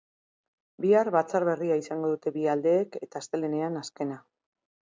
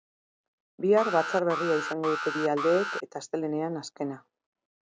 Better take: first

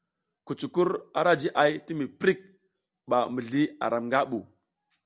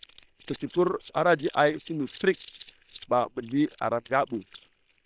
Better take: first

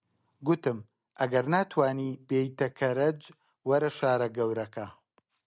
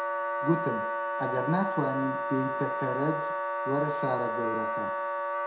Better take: first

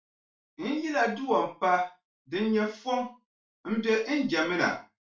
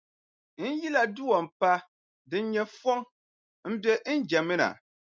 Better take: second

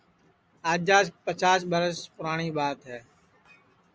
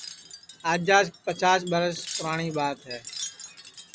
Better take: first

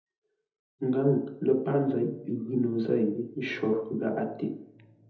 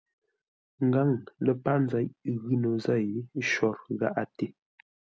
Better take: second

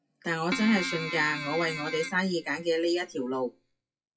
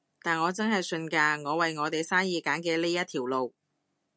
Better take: second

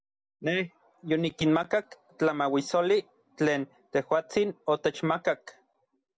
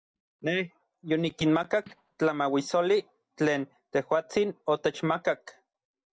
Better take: first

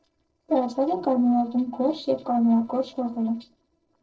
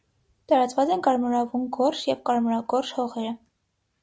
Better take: second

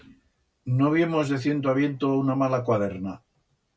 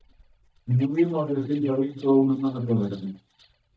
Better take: first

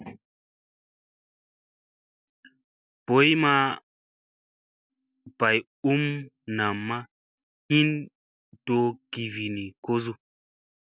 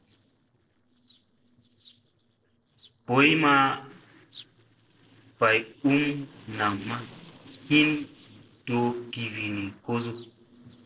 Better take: first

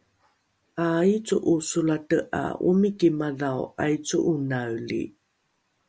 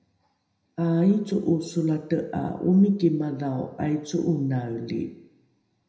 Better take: first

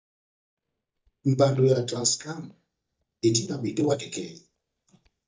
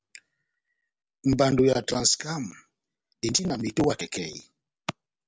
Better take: second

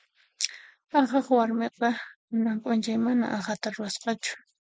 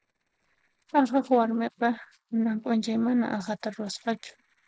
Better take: first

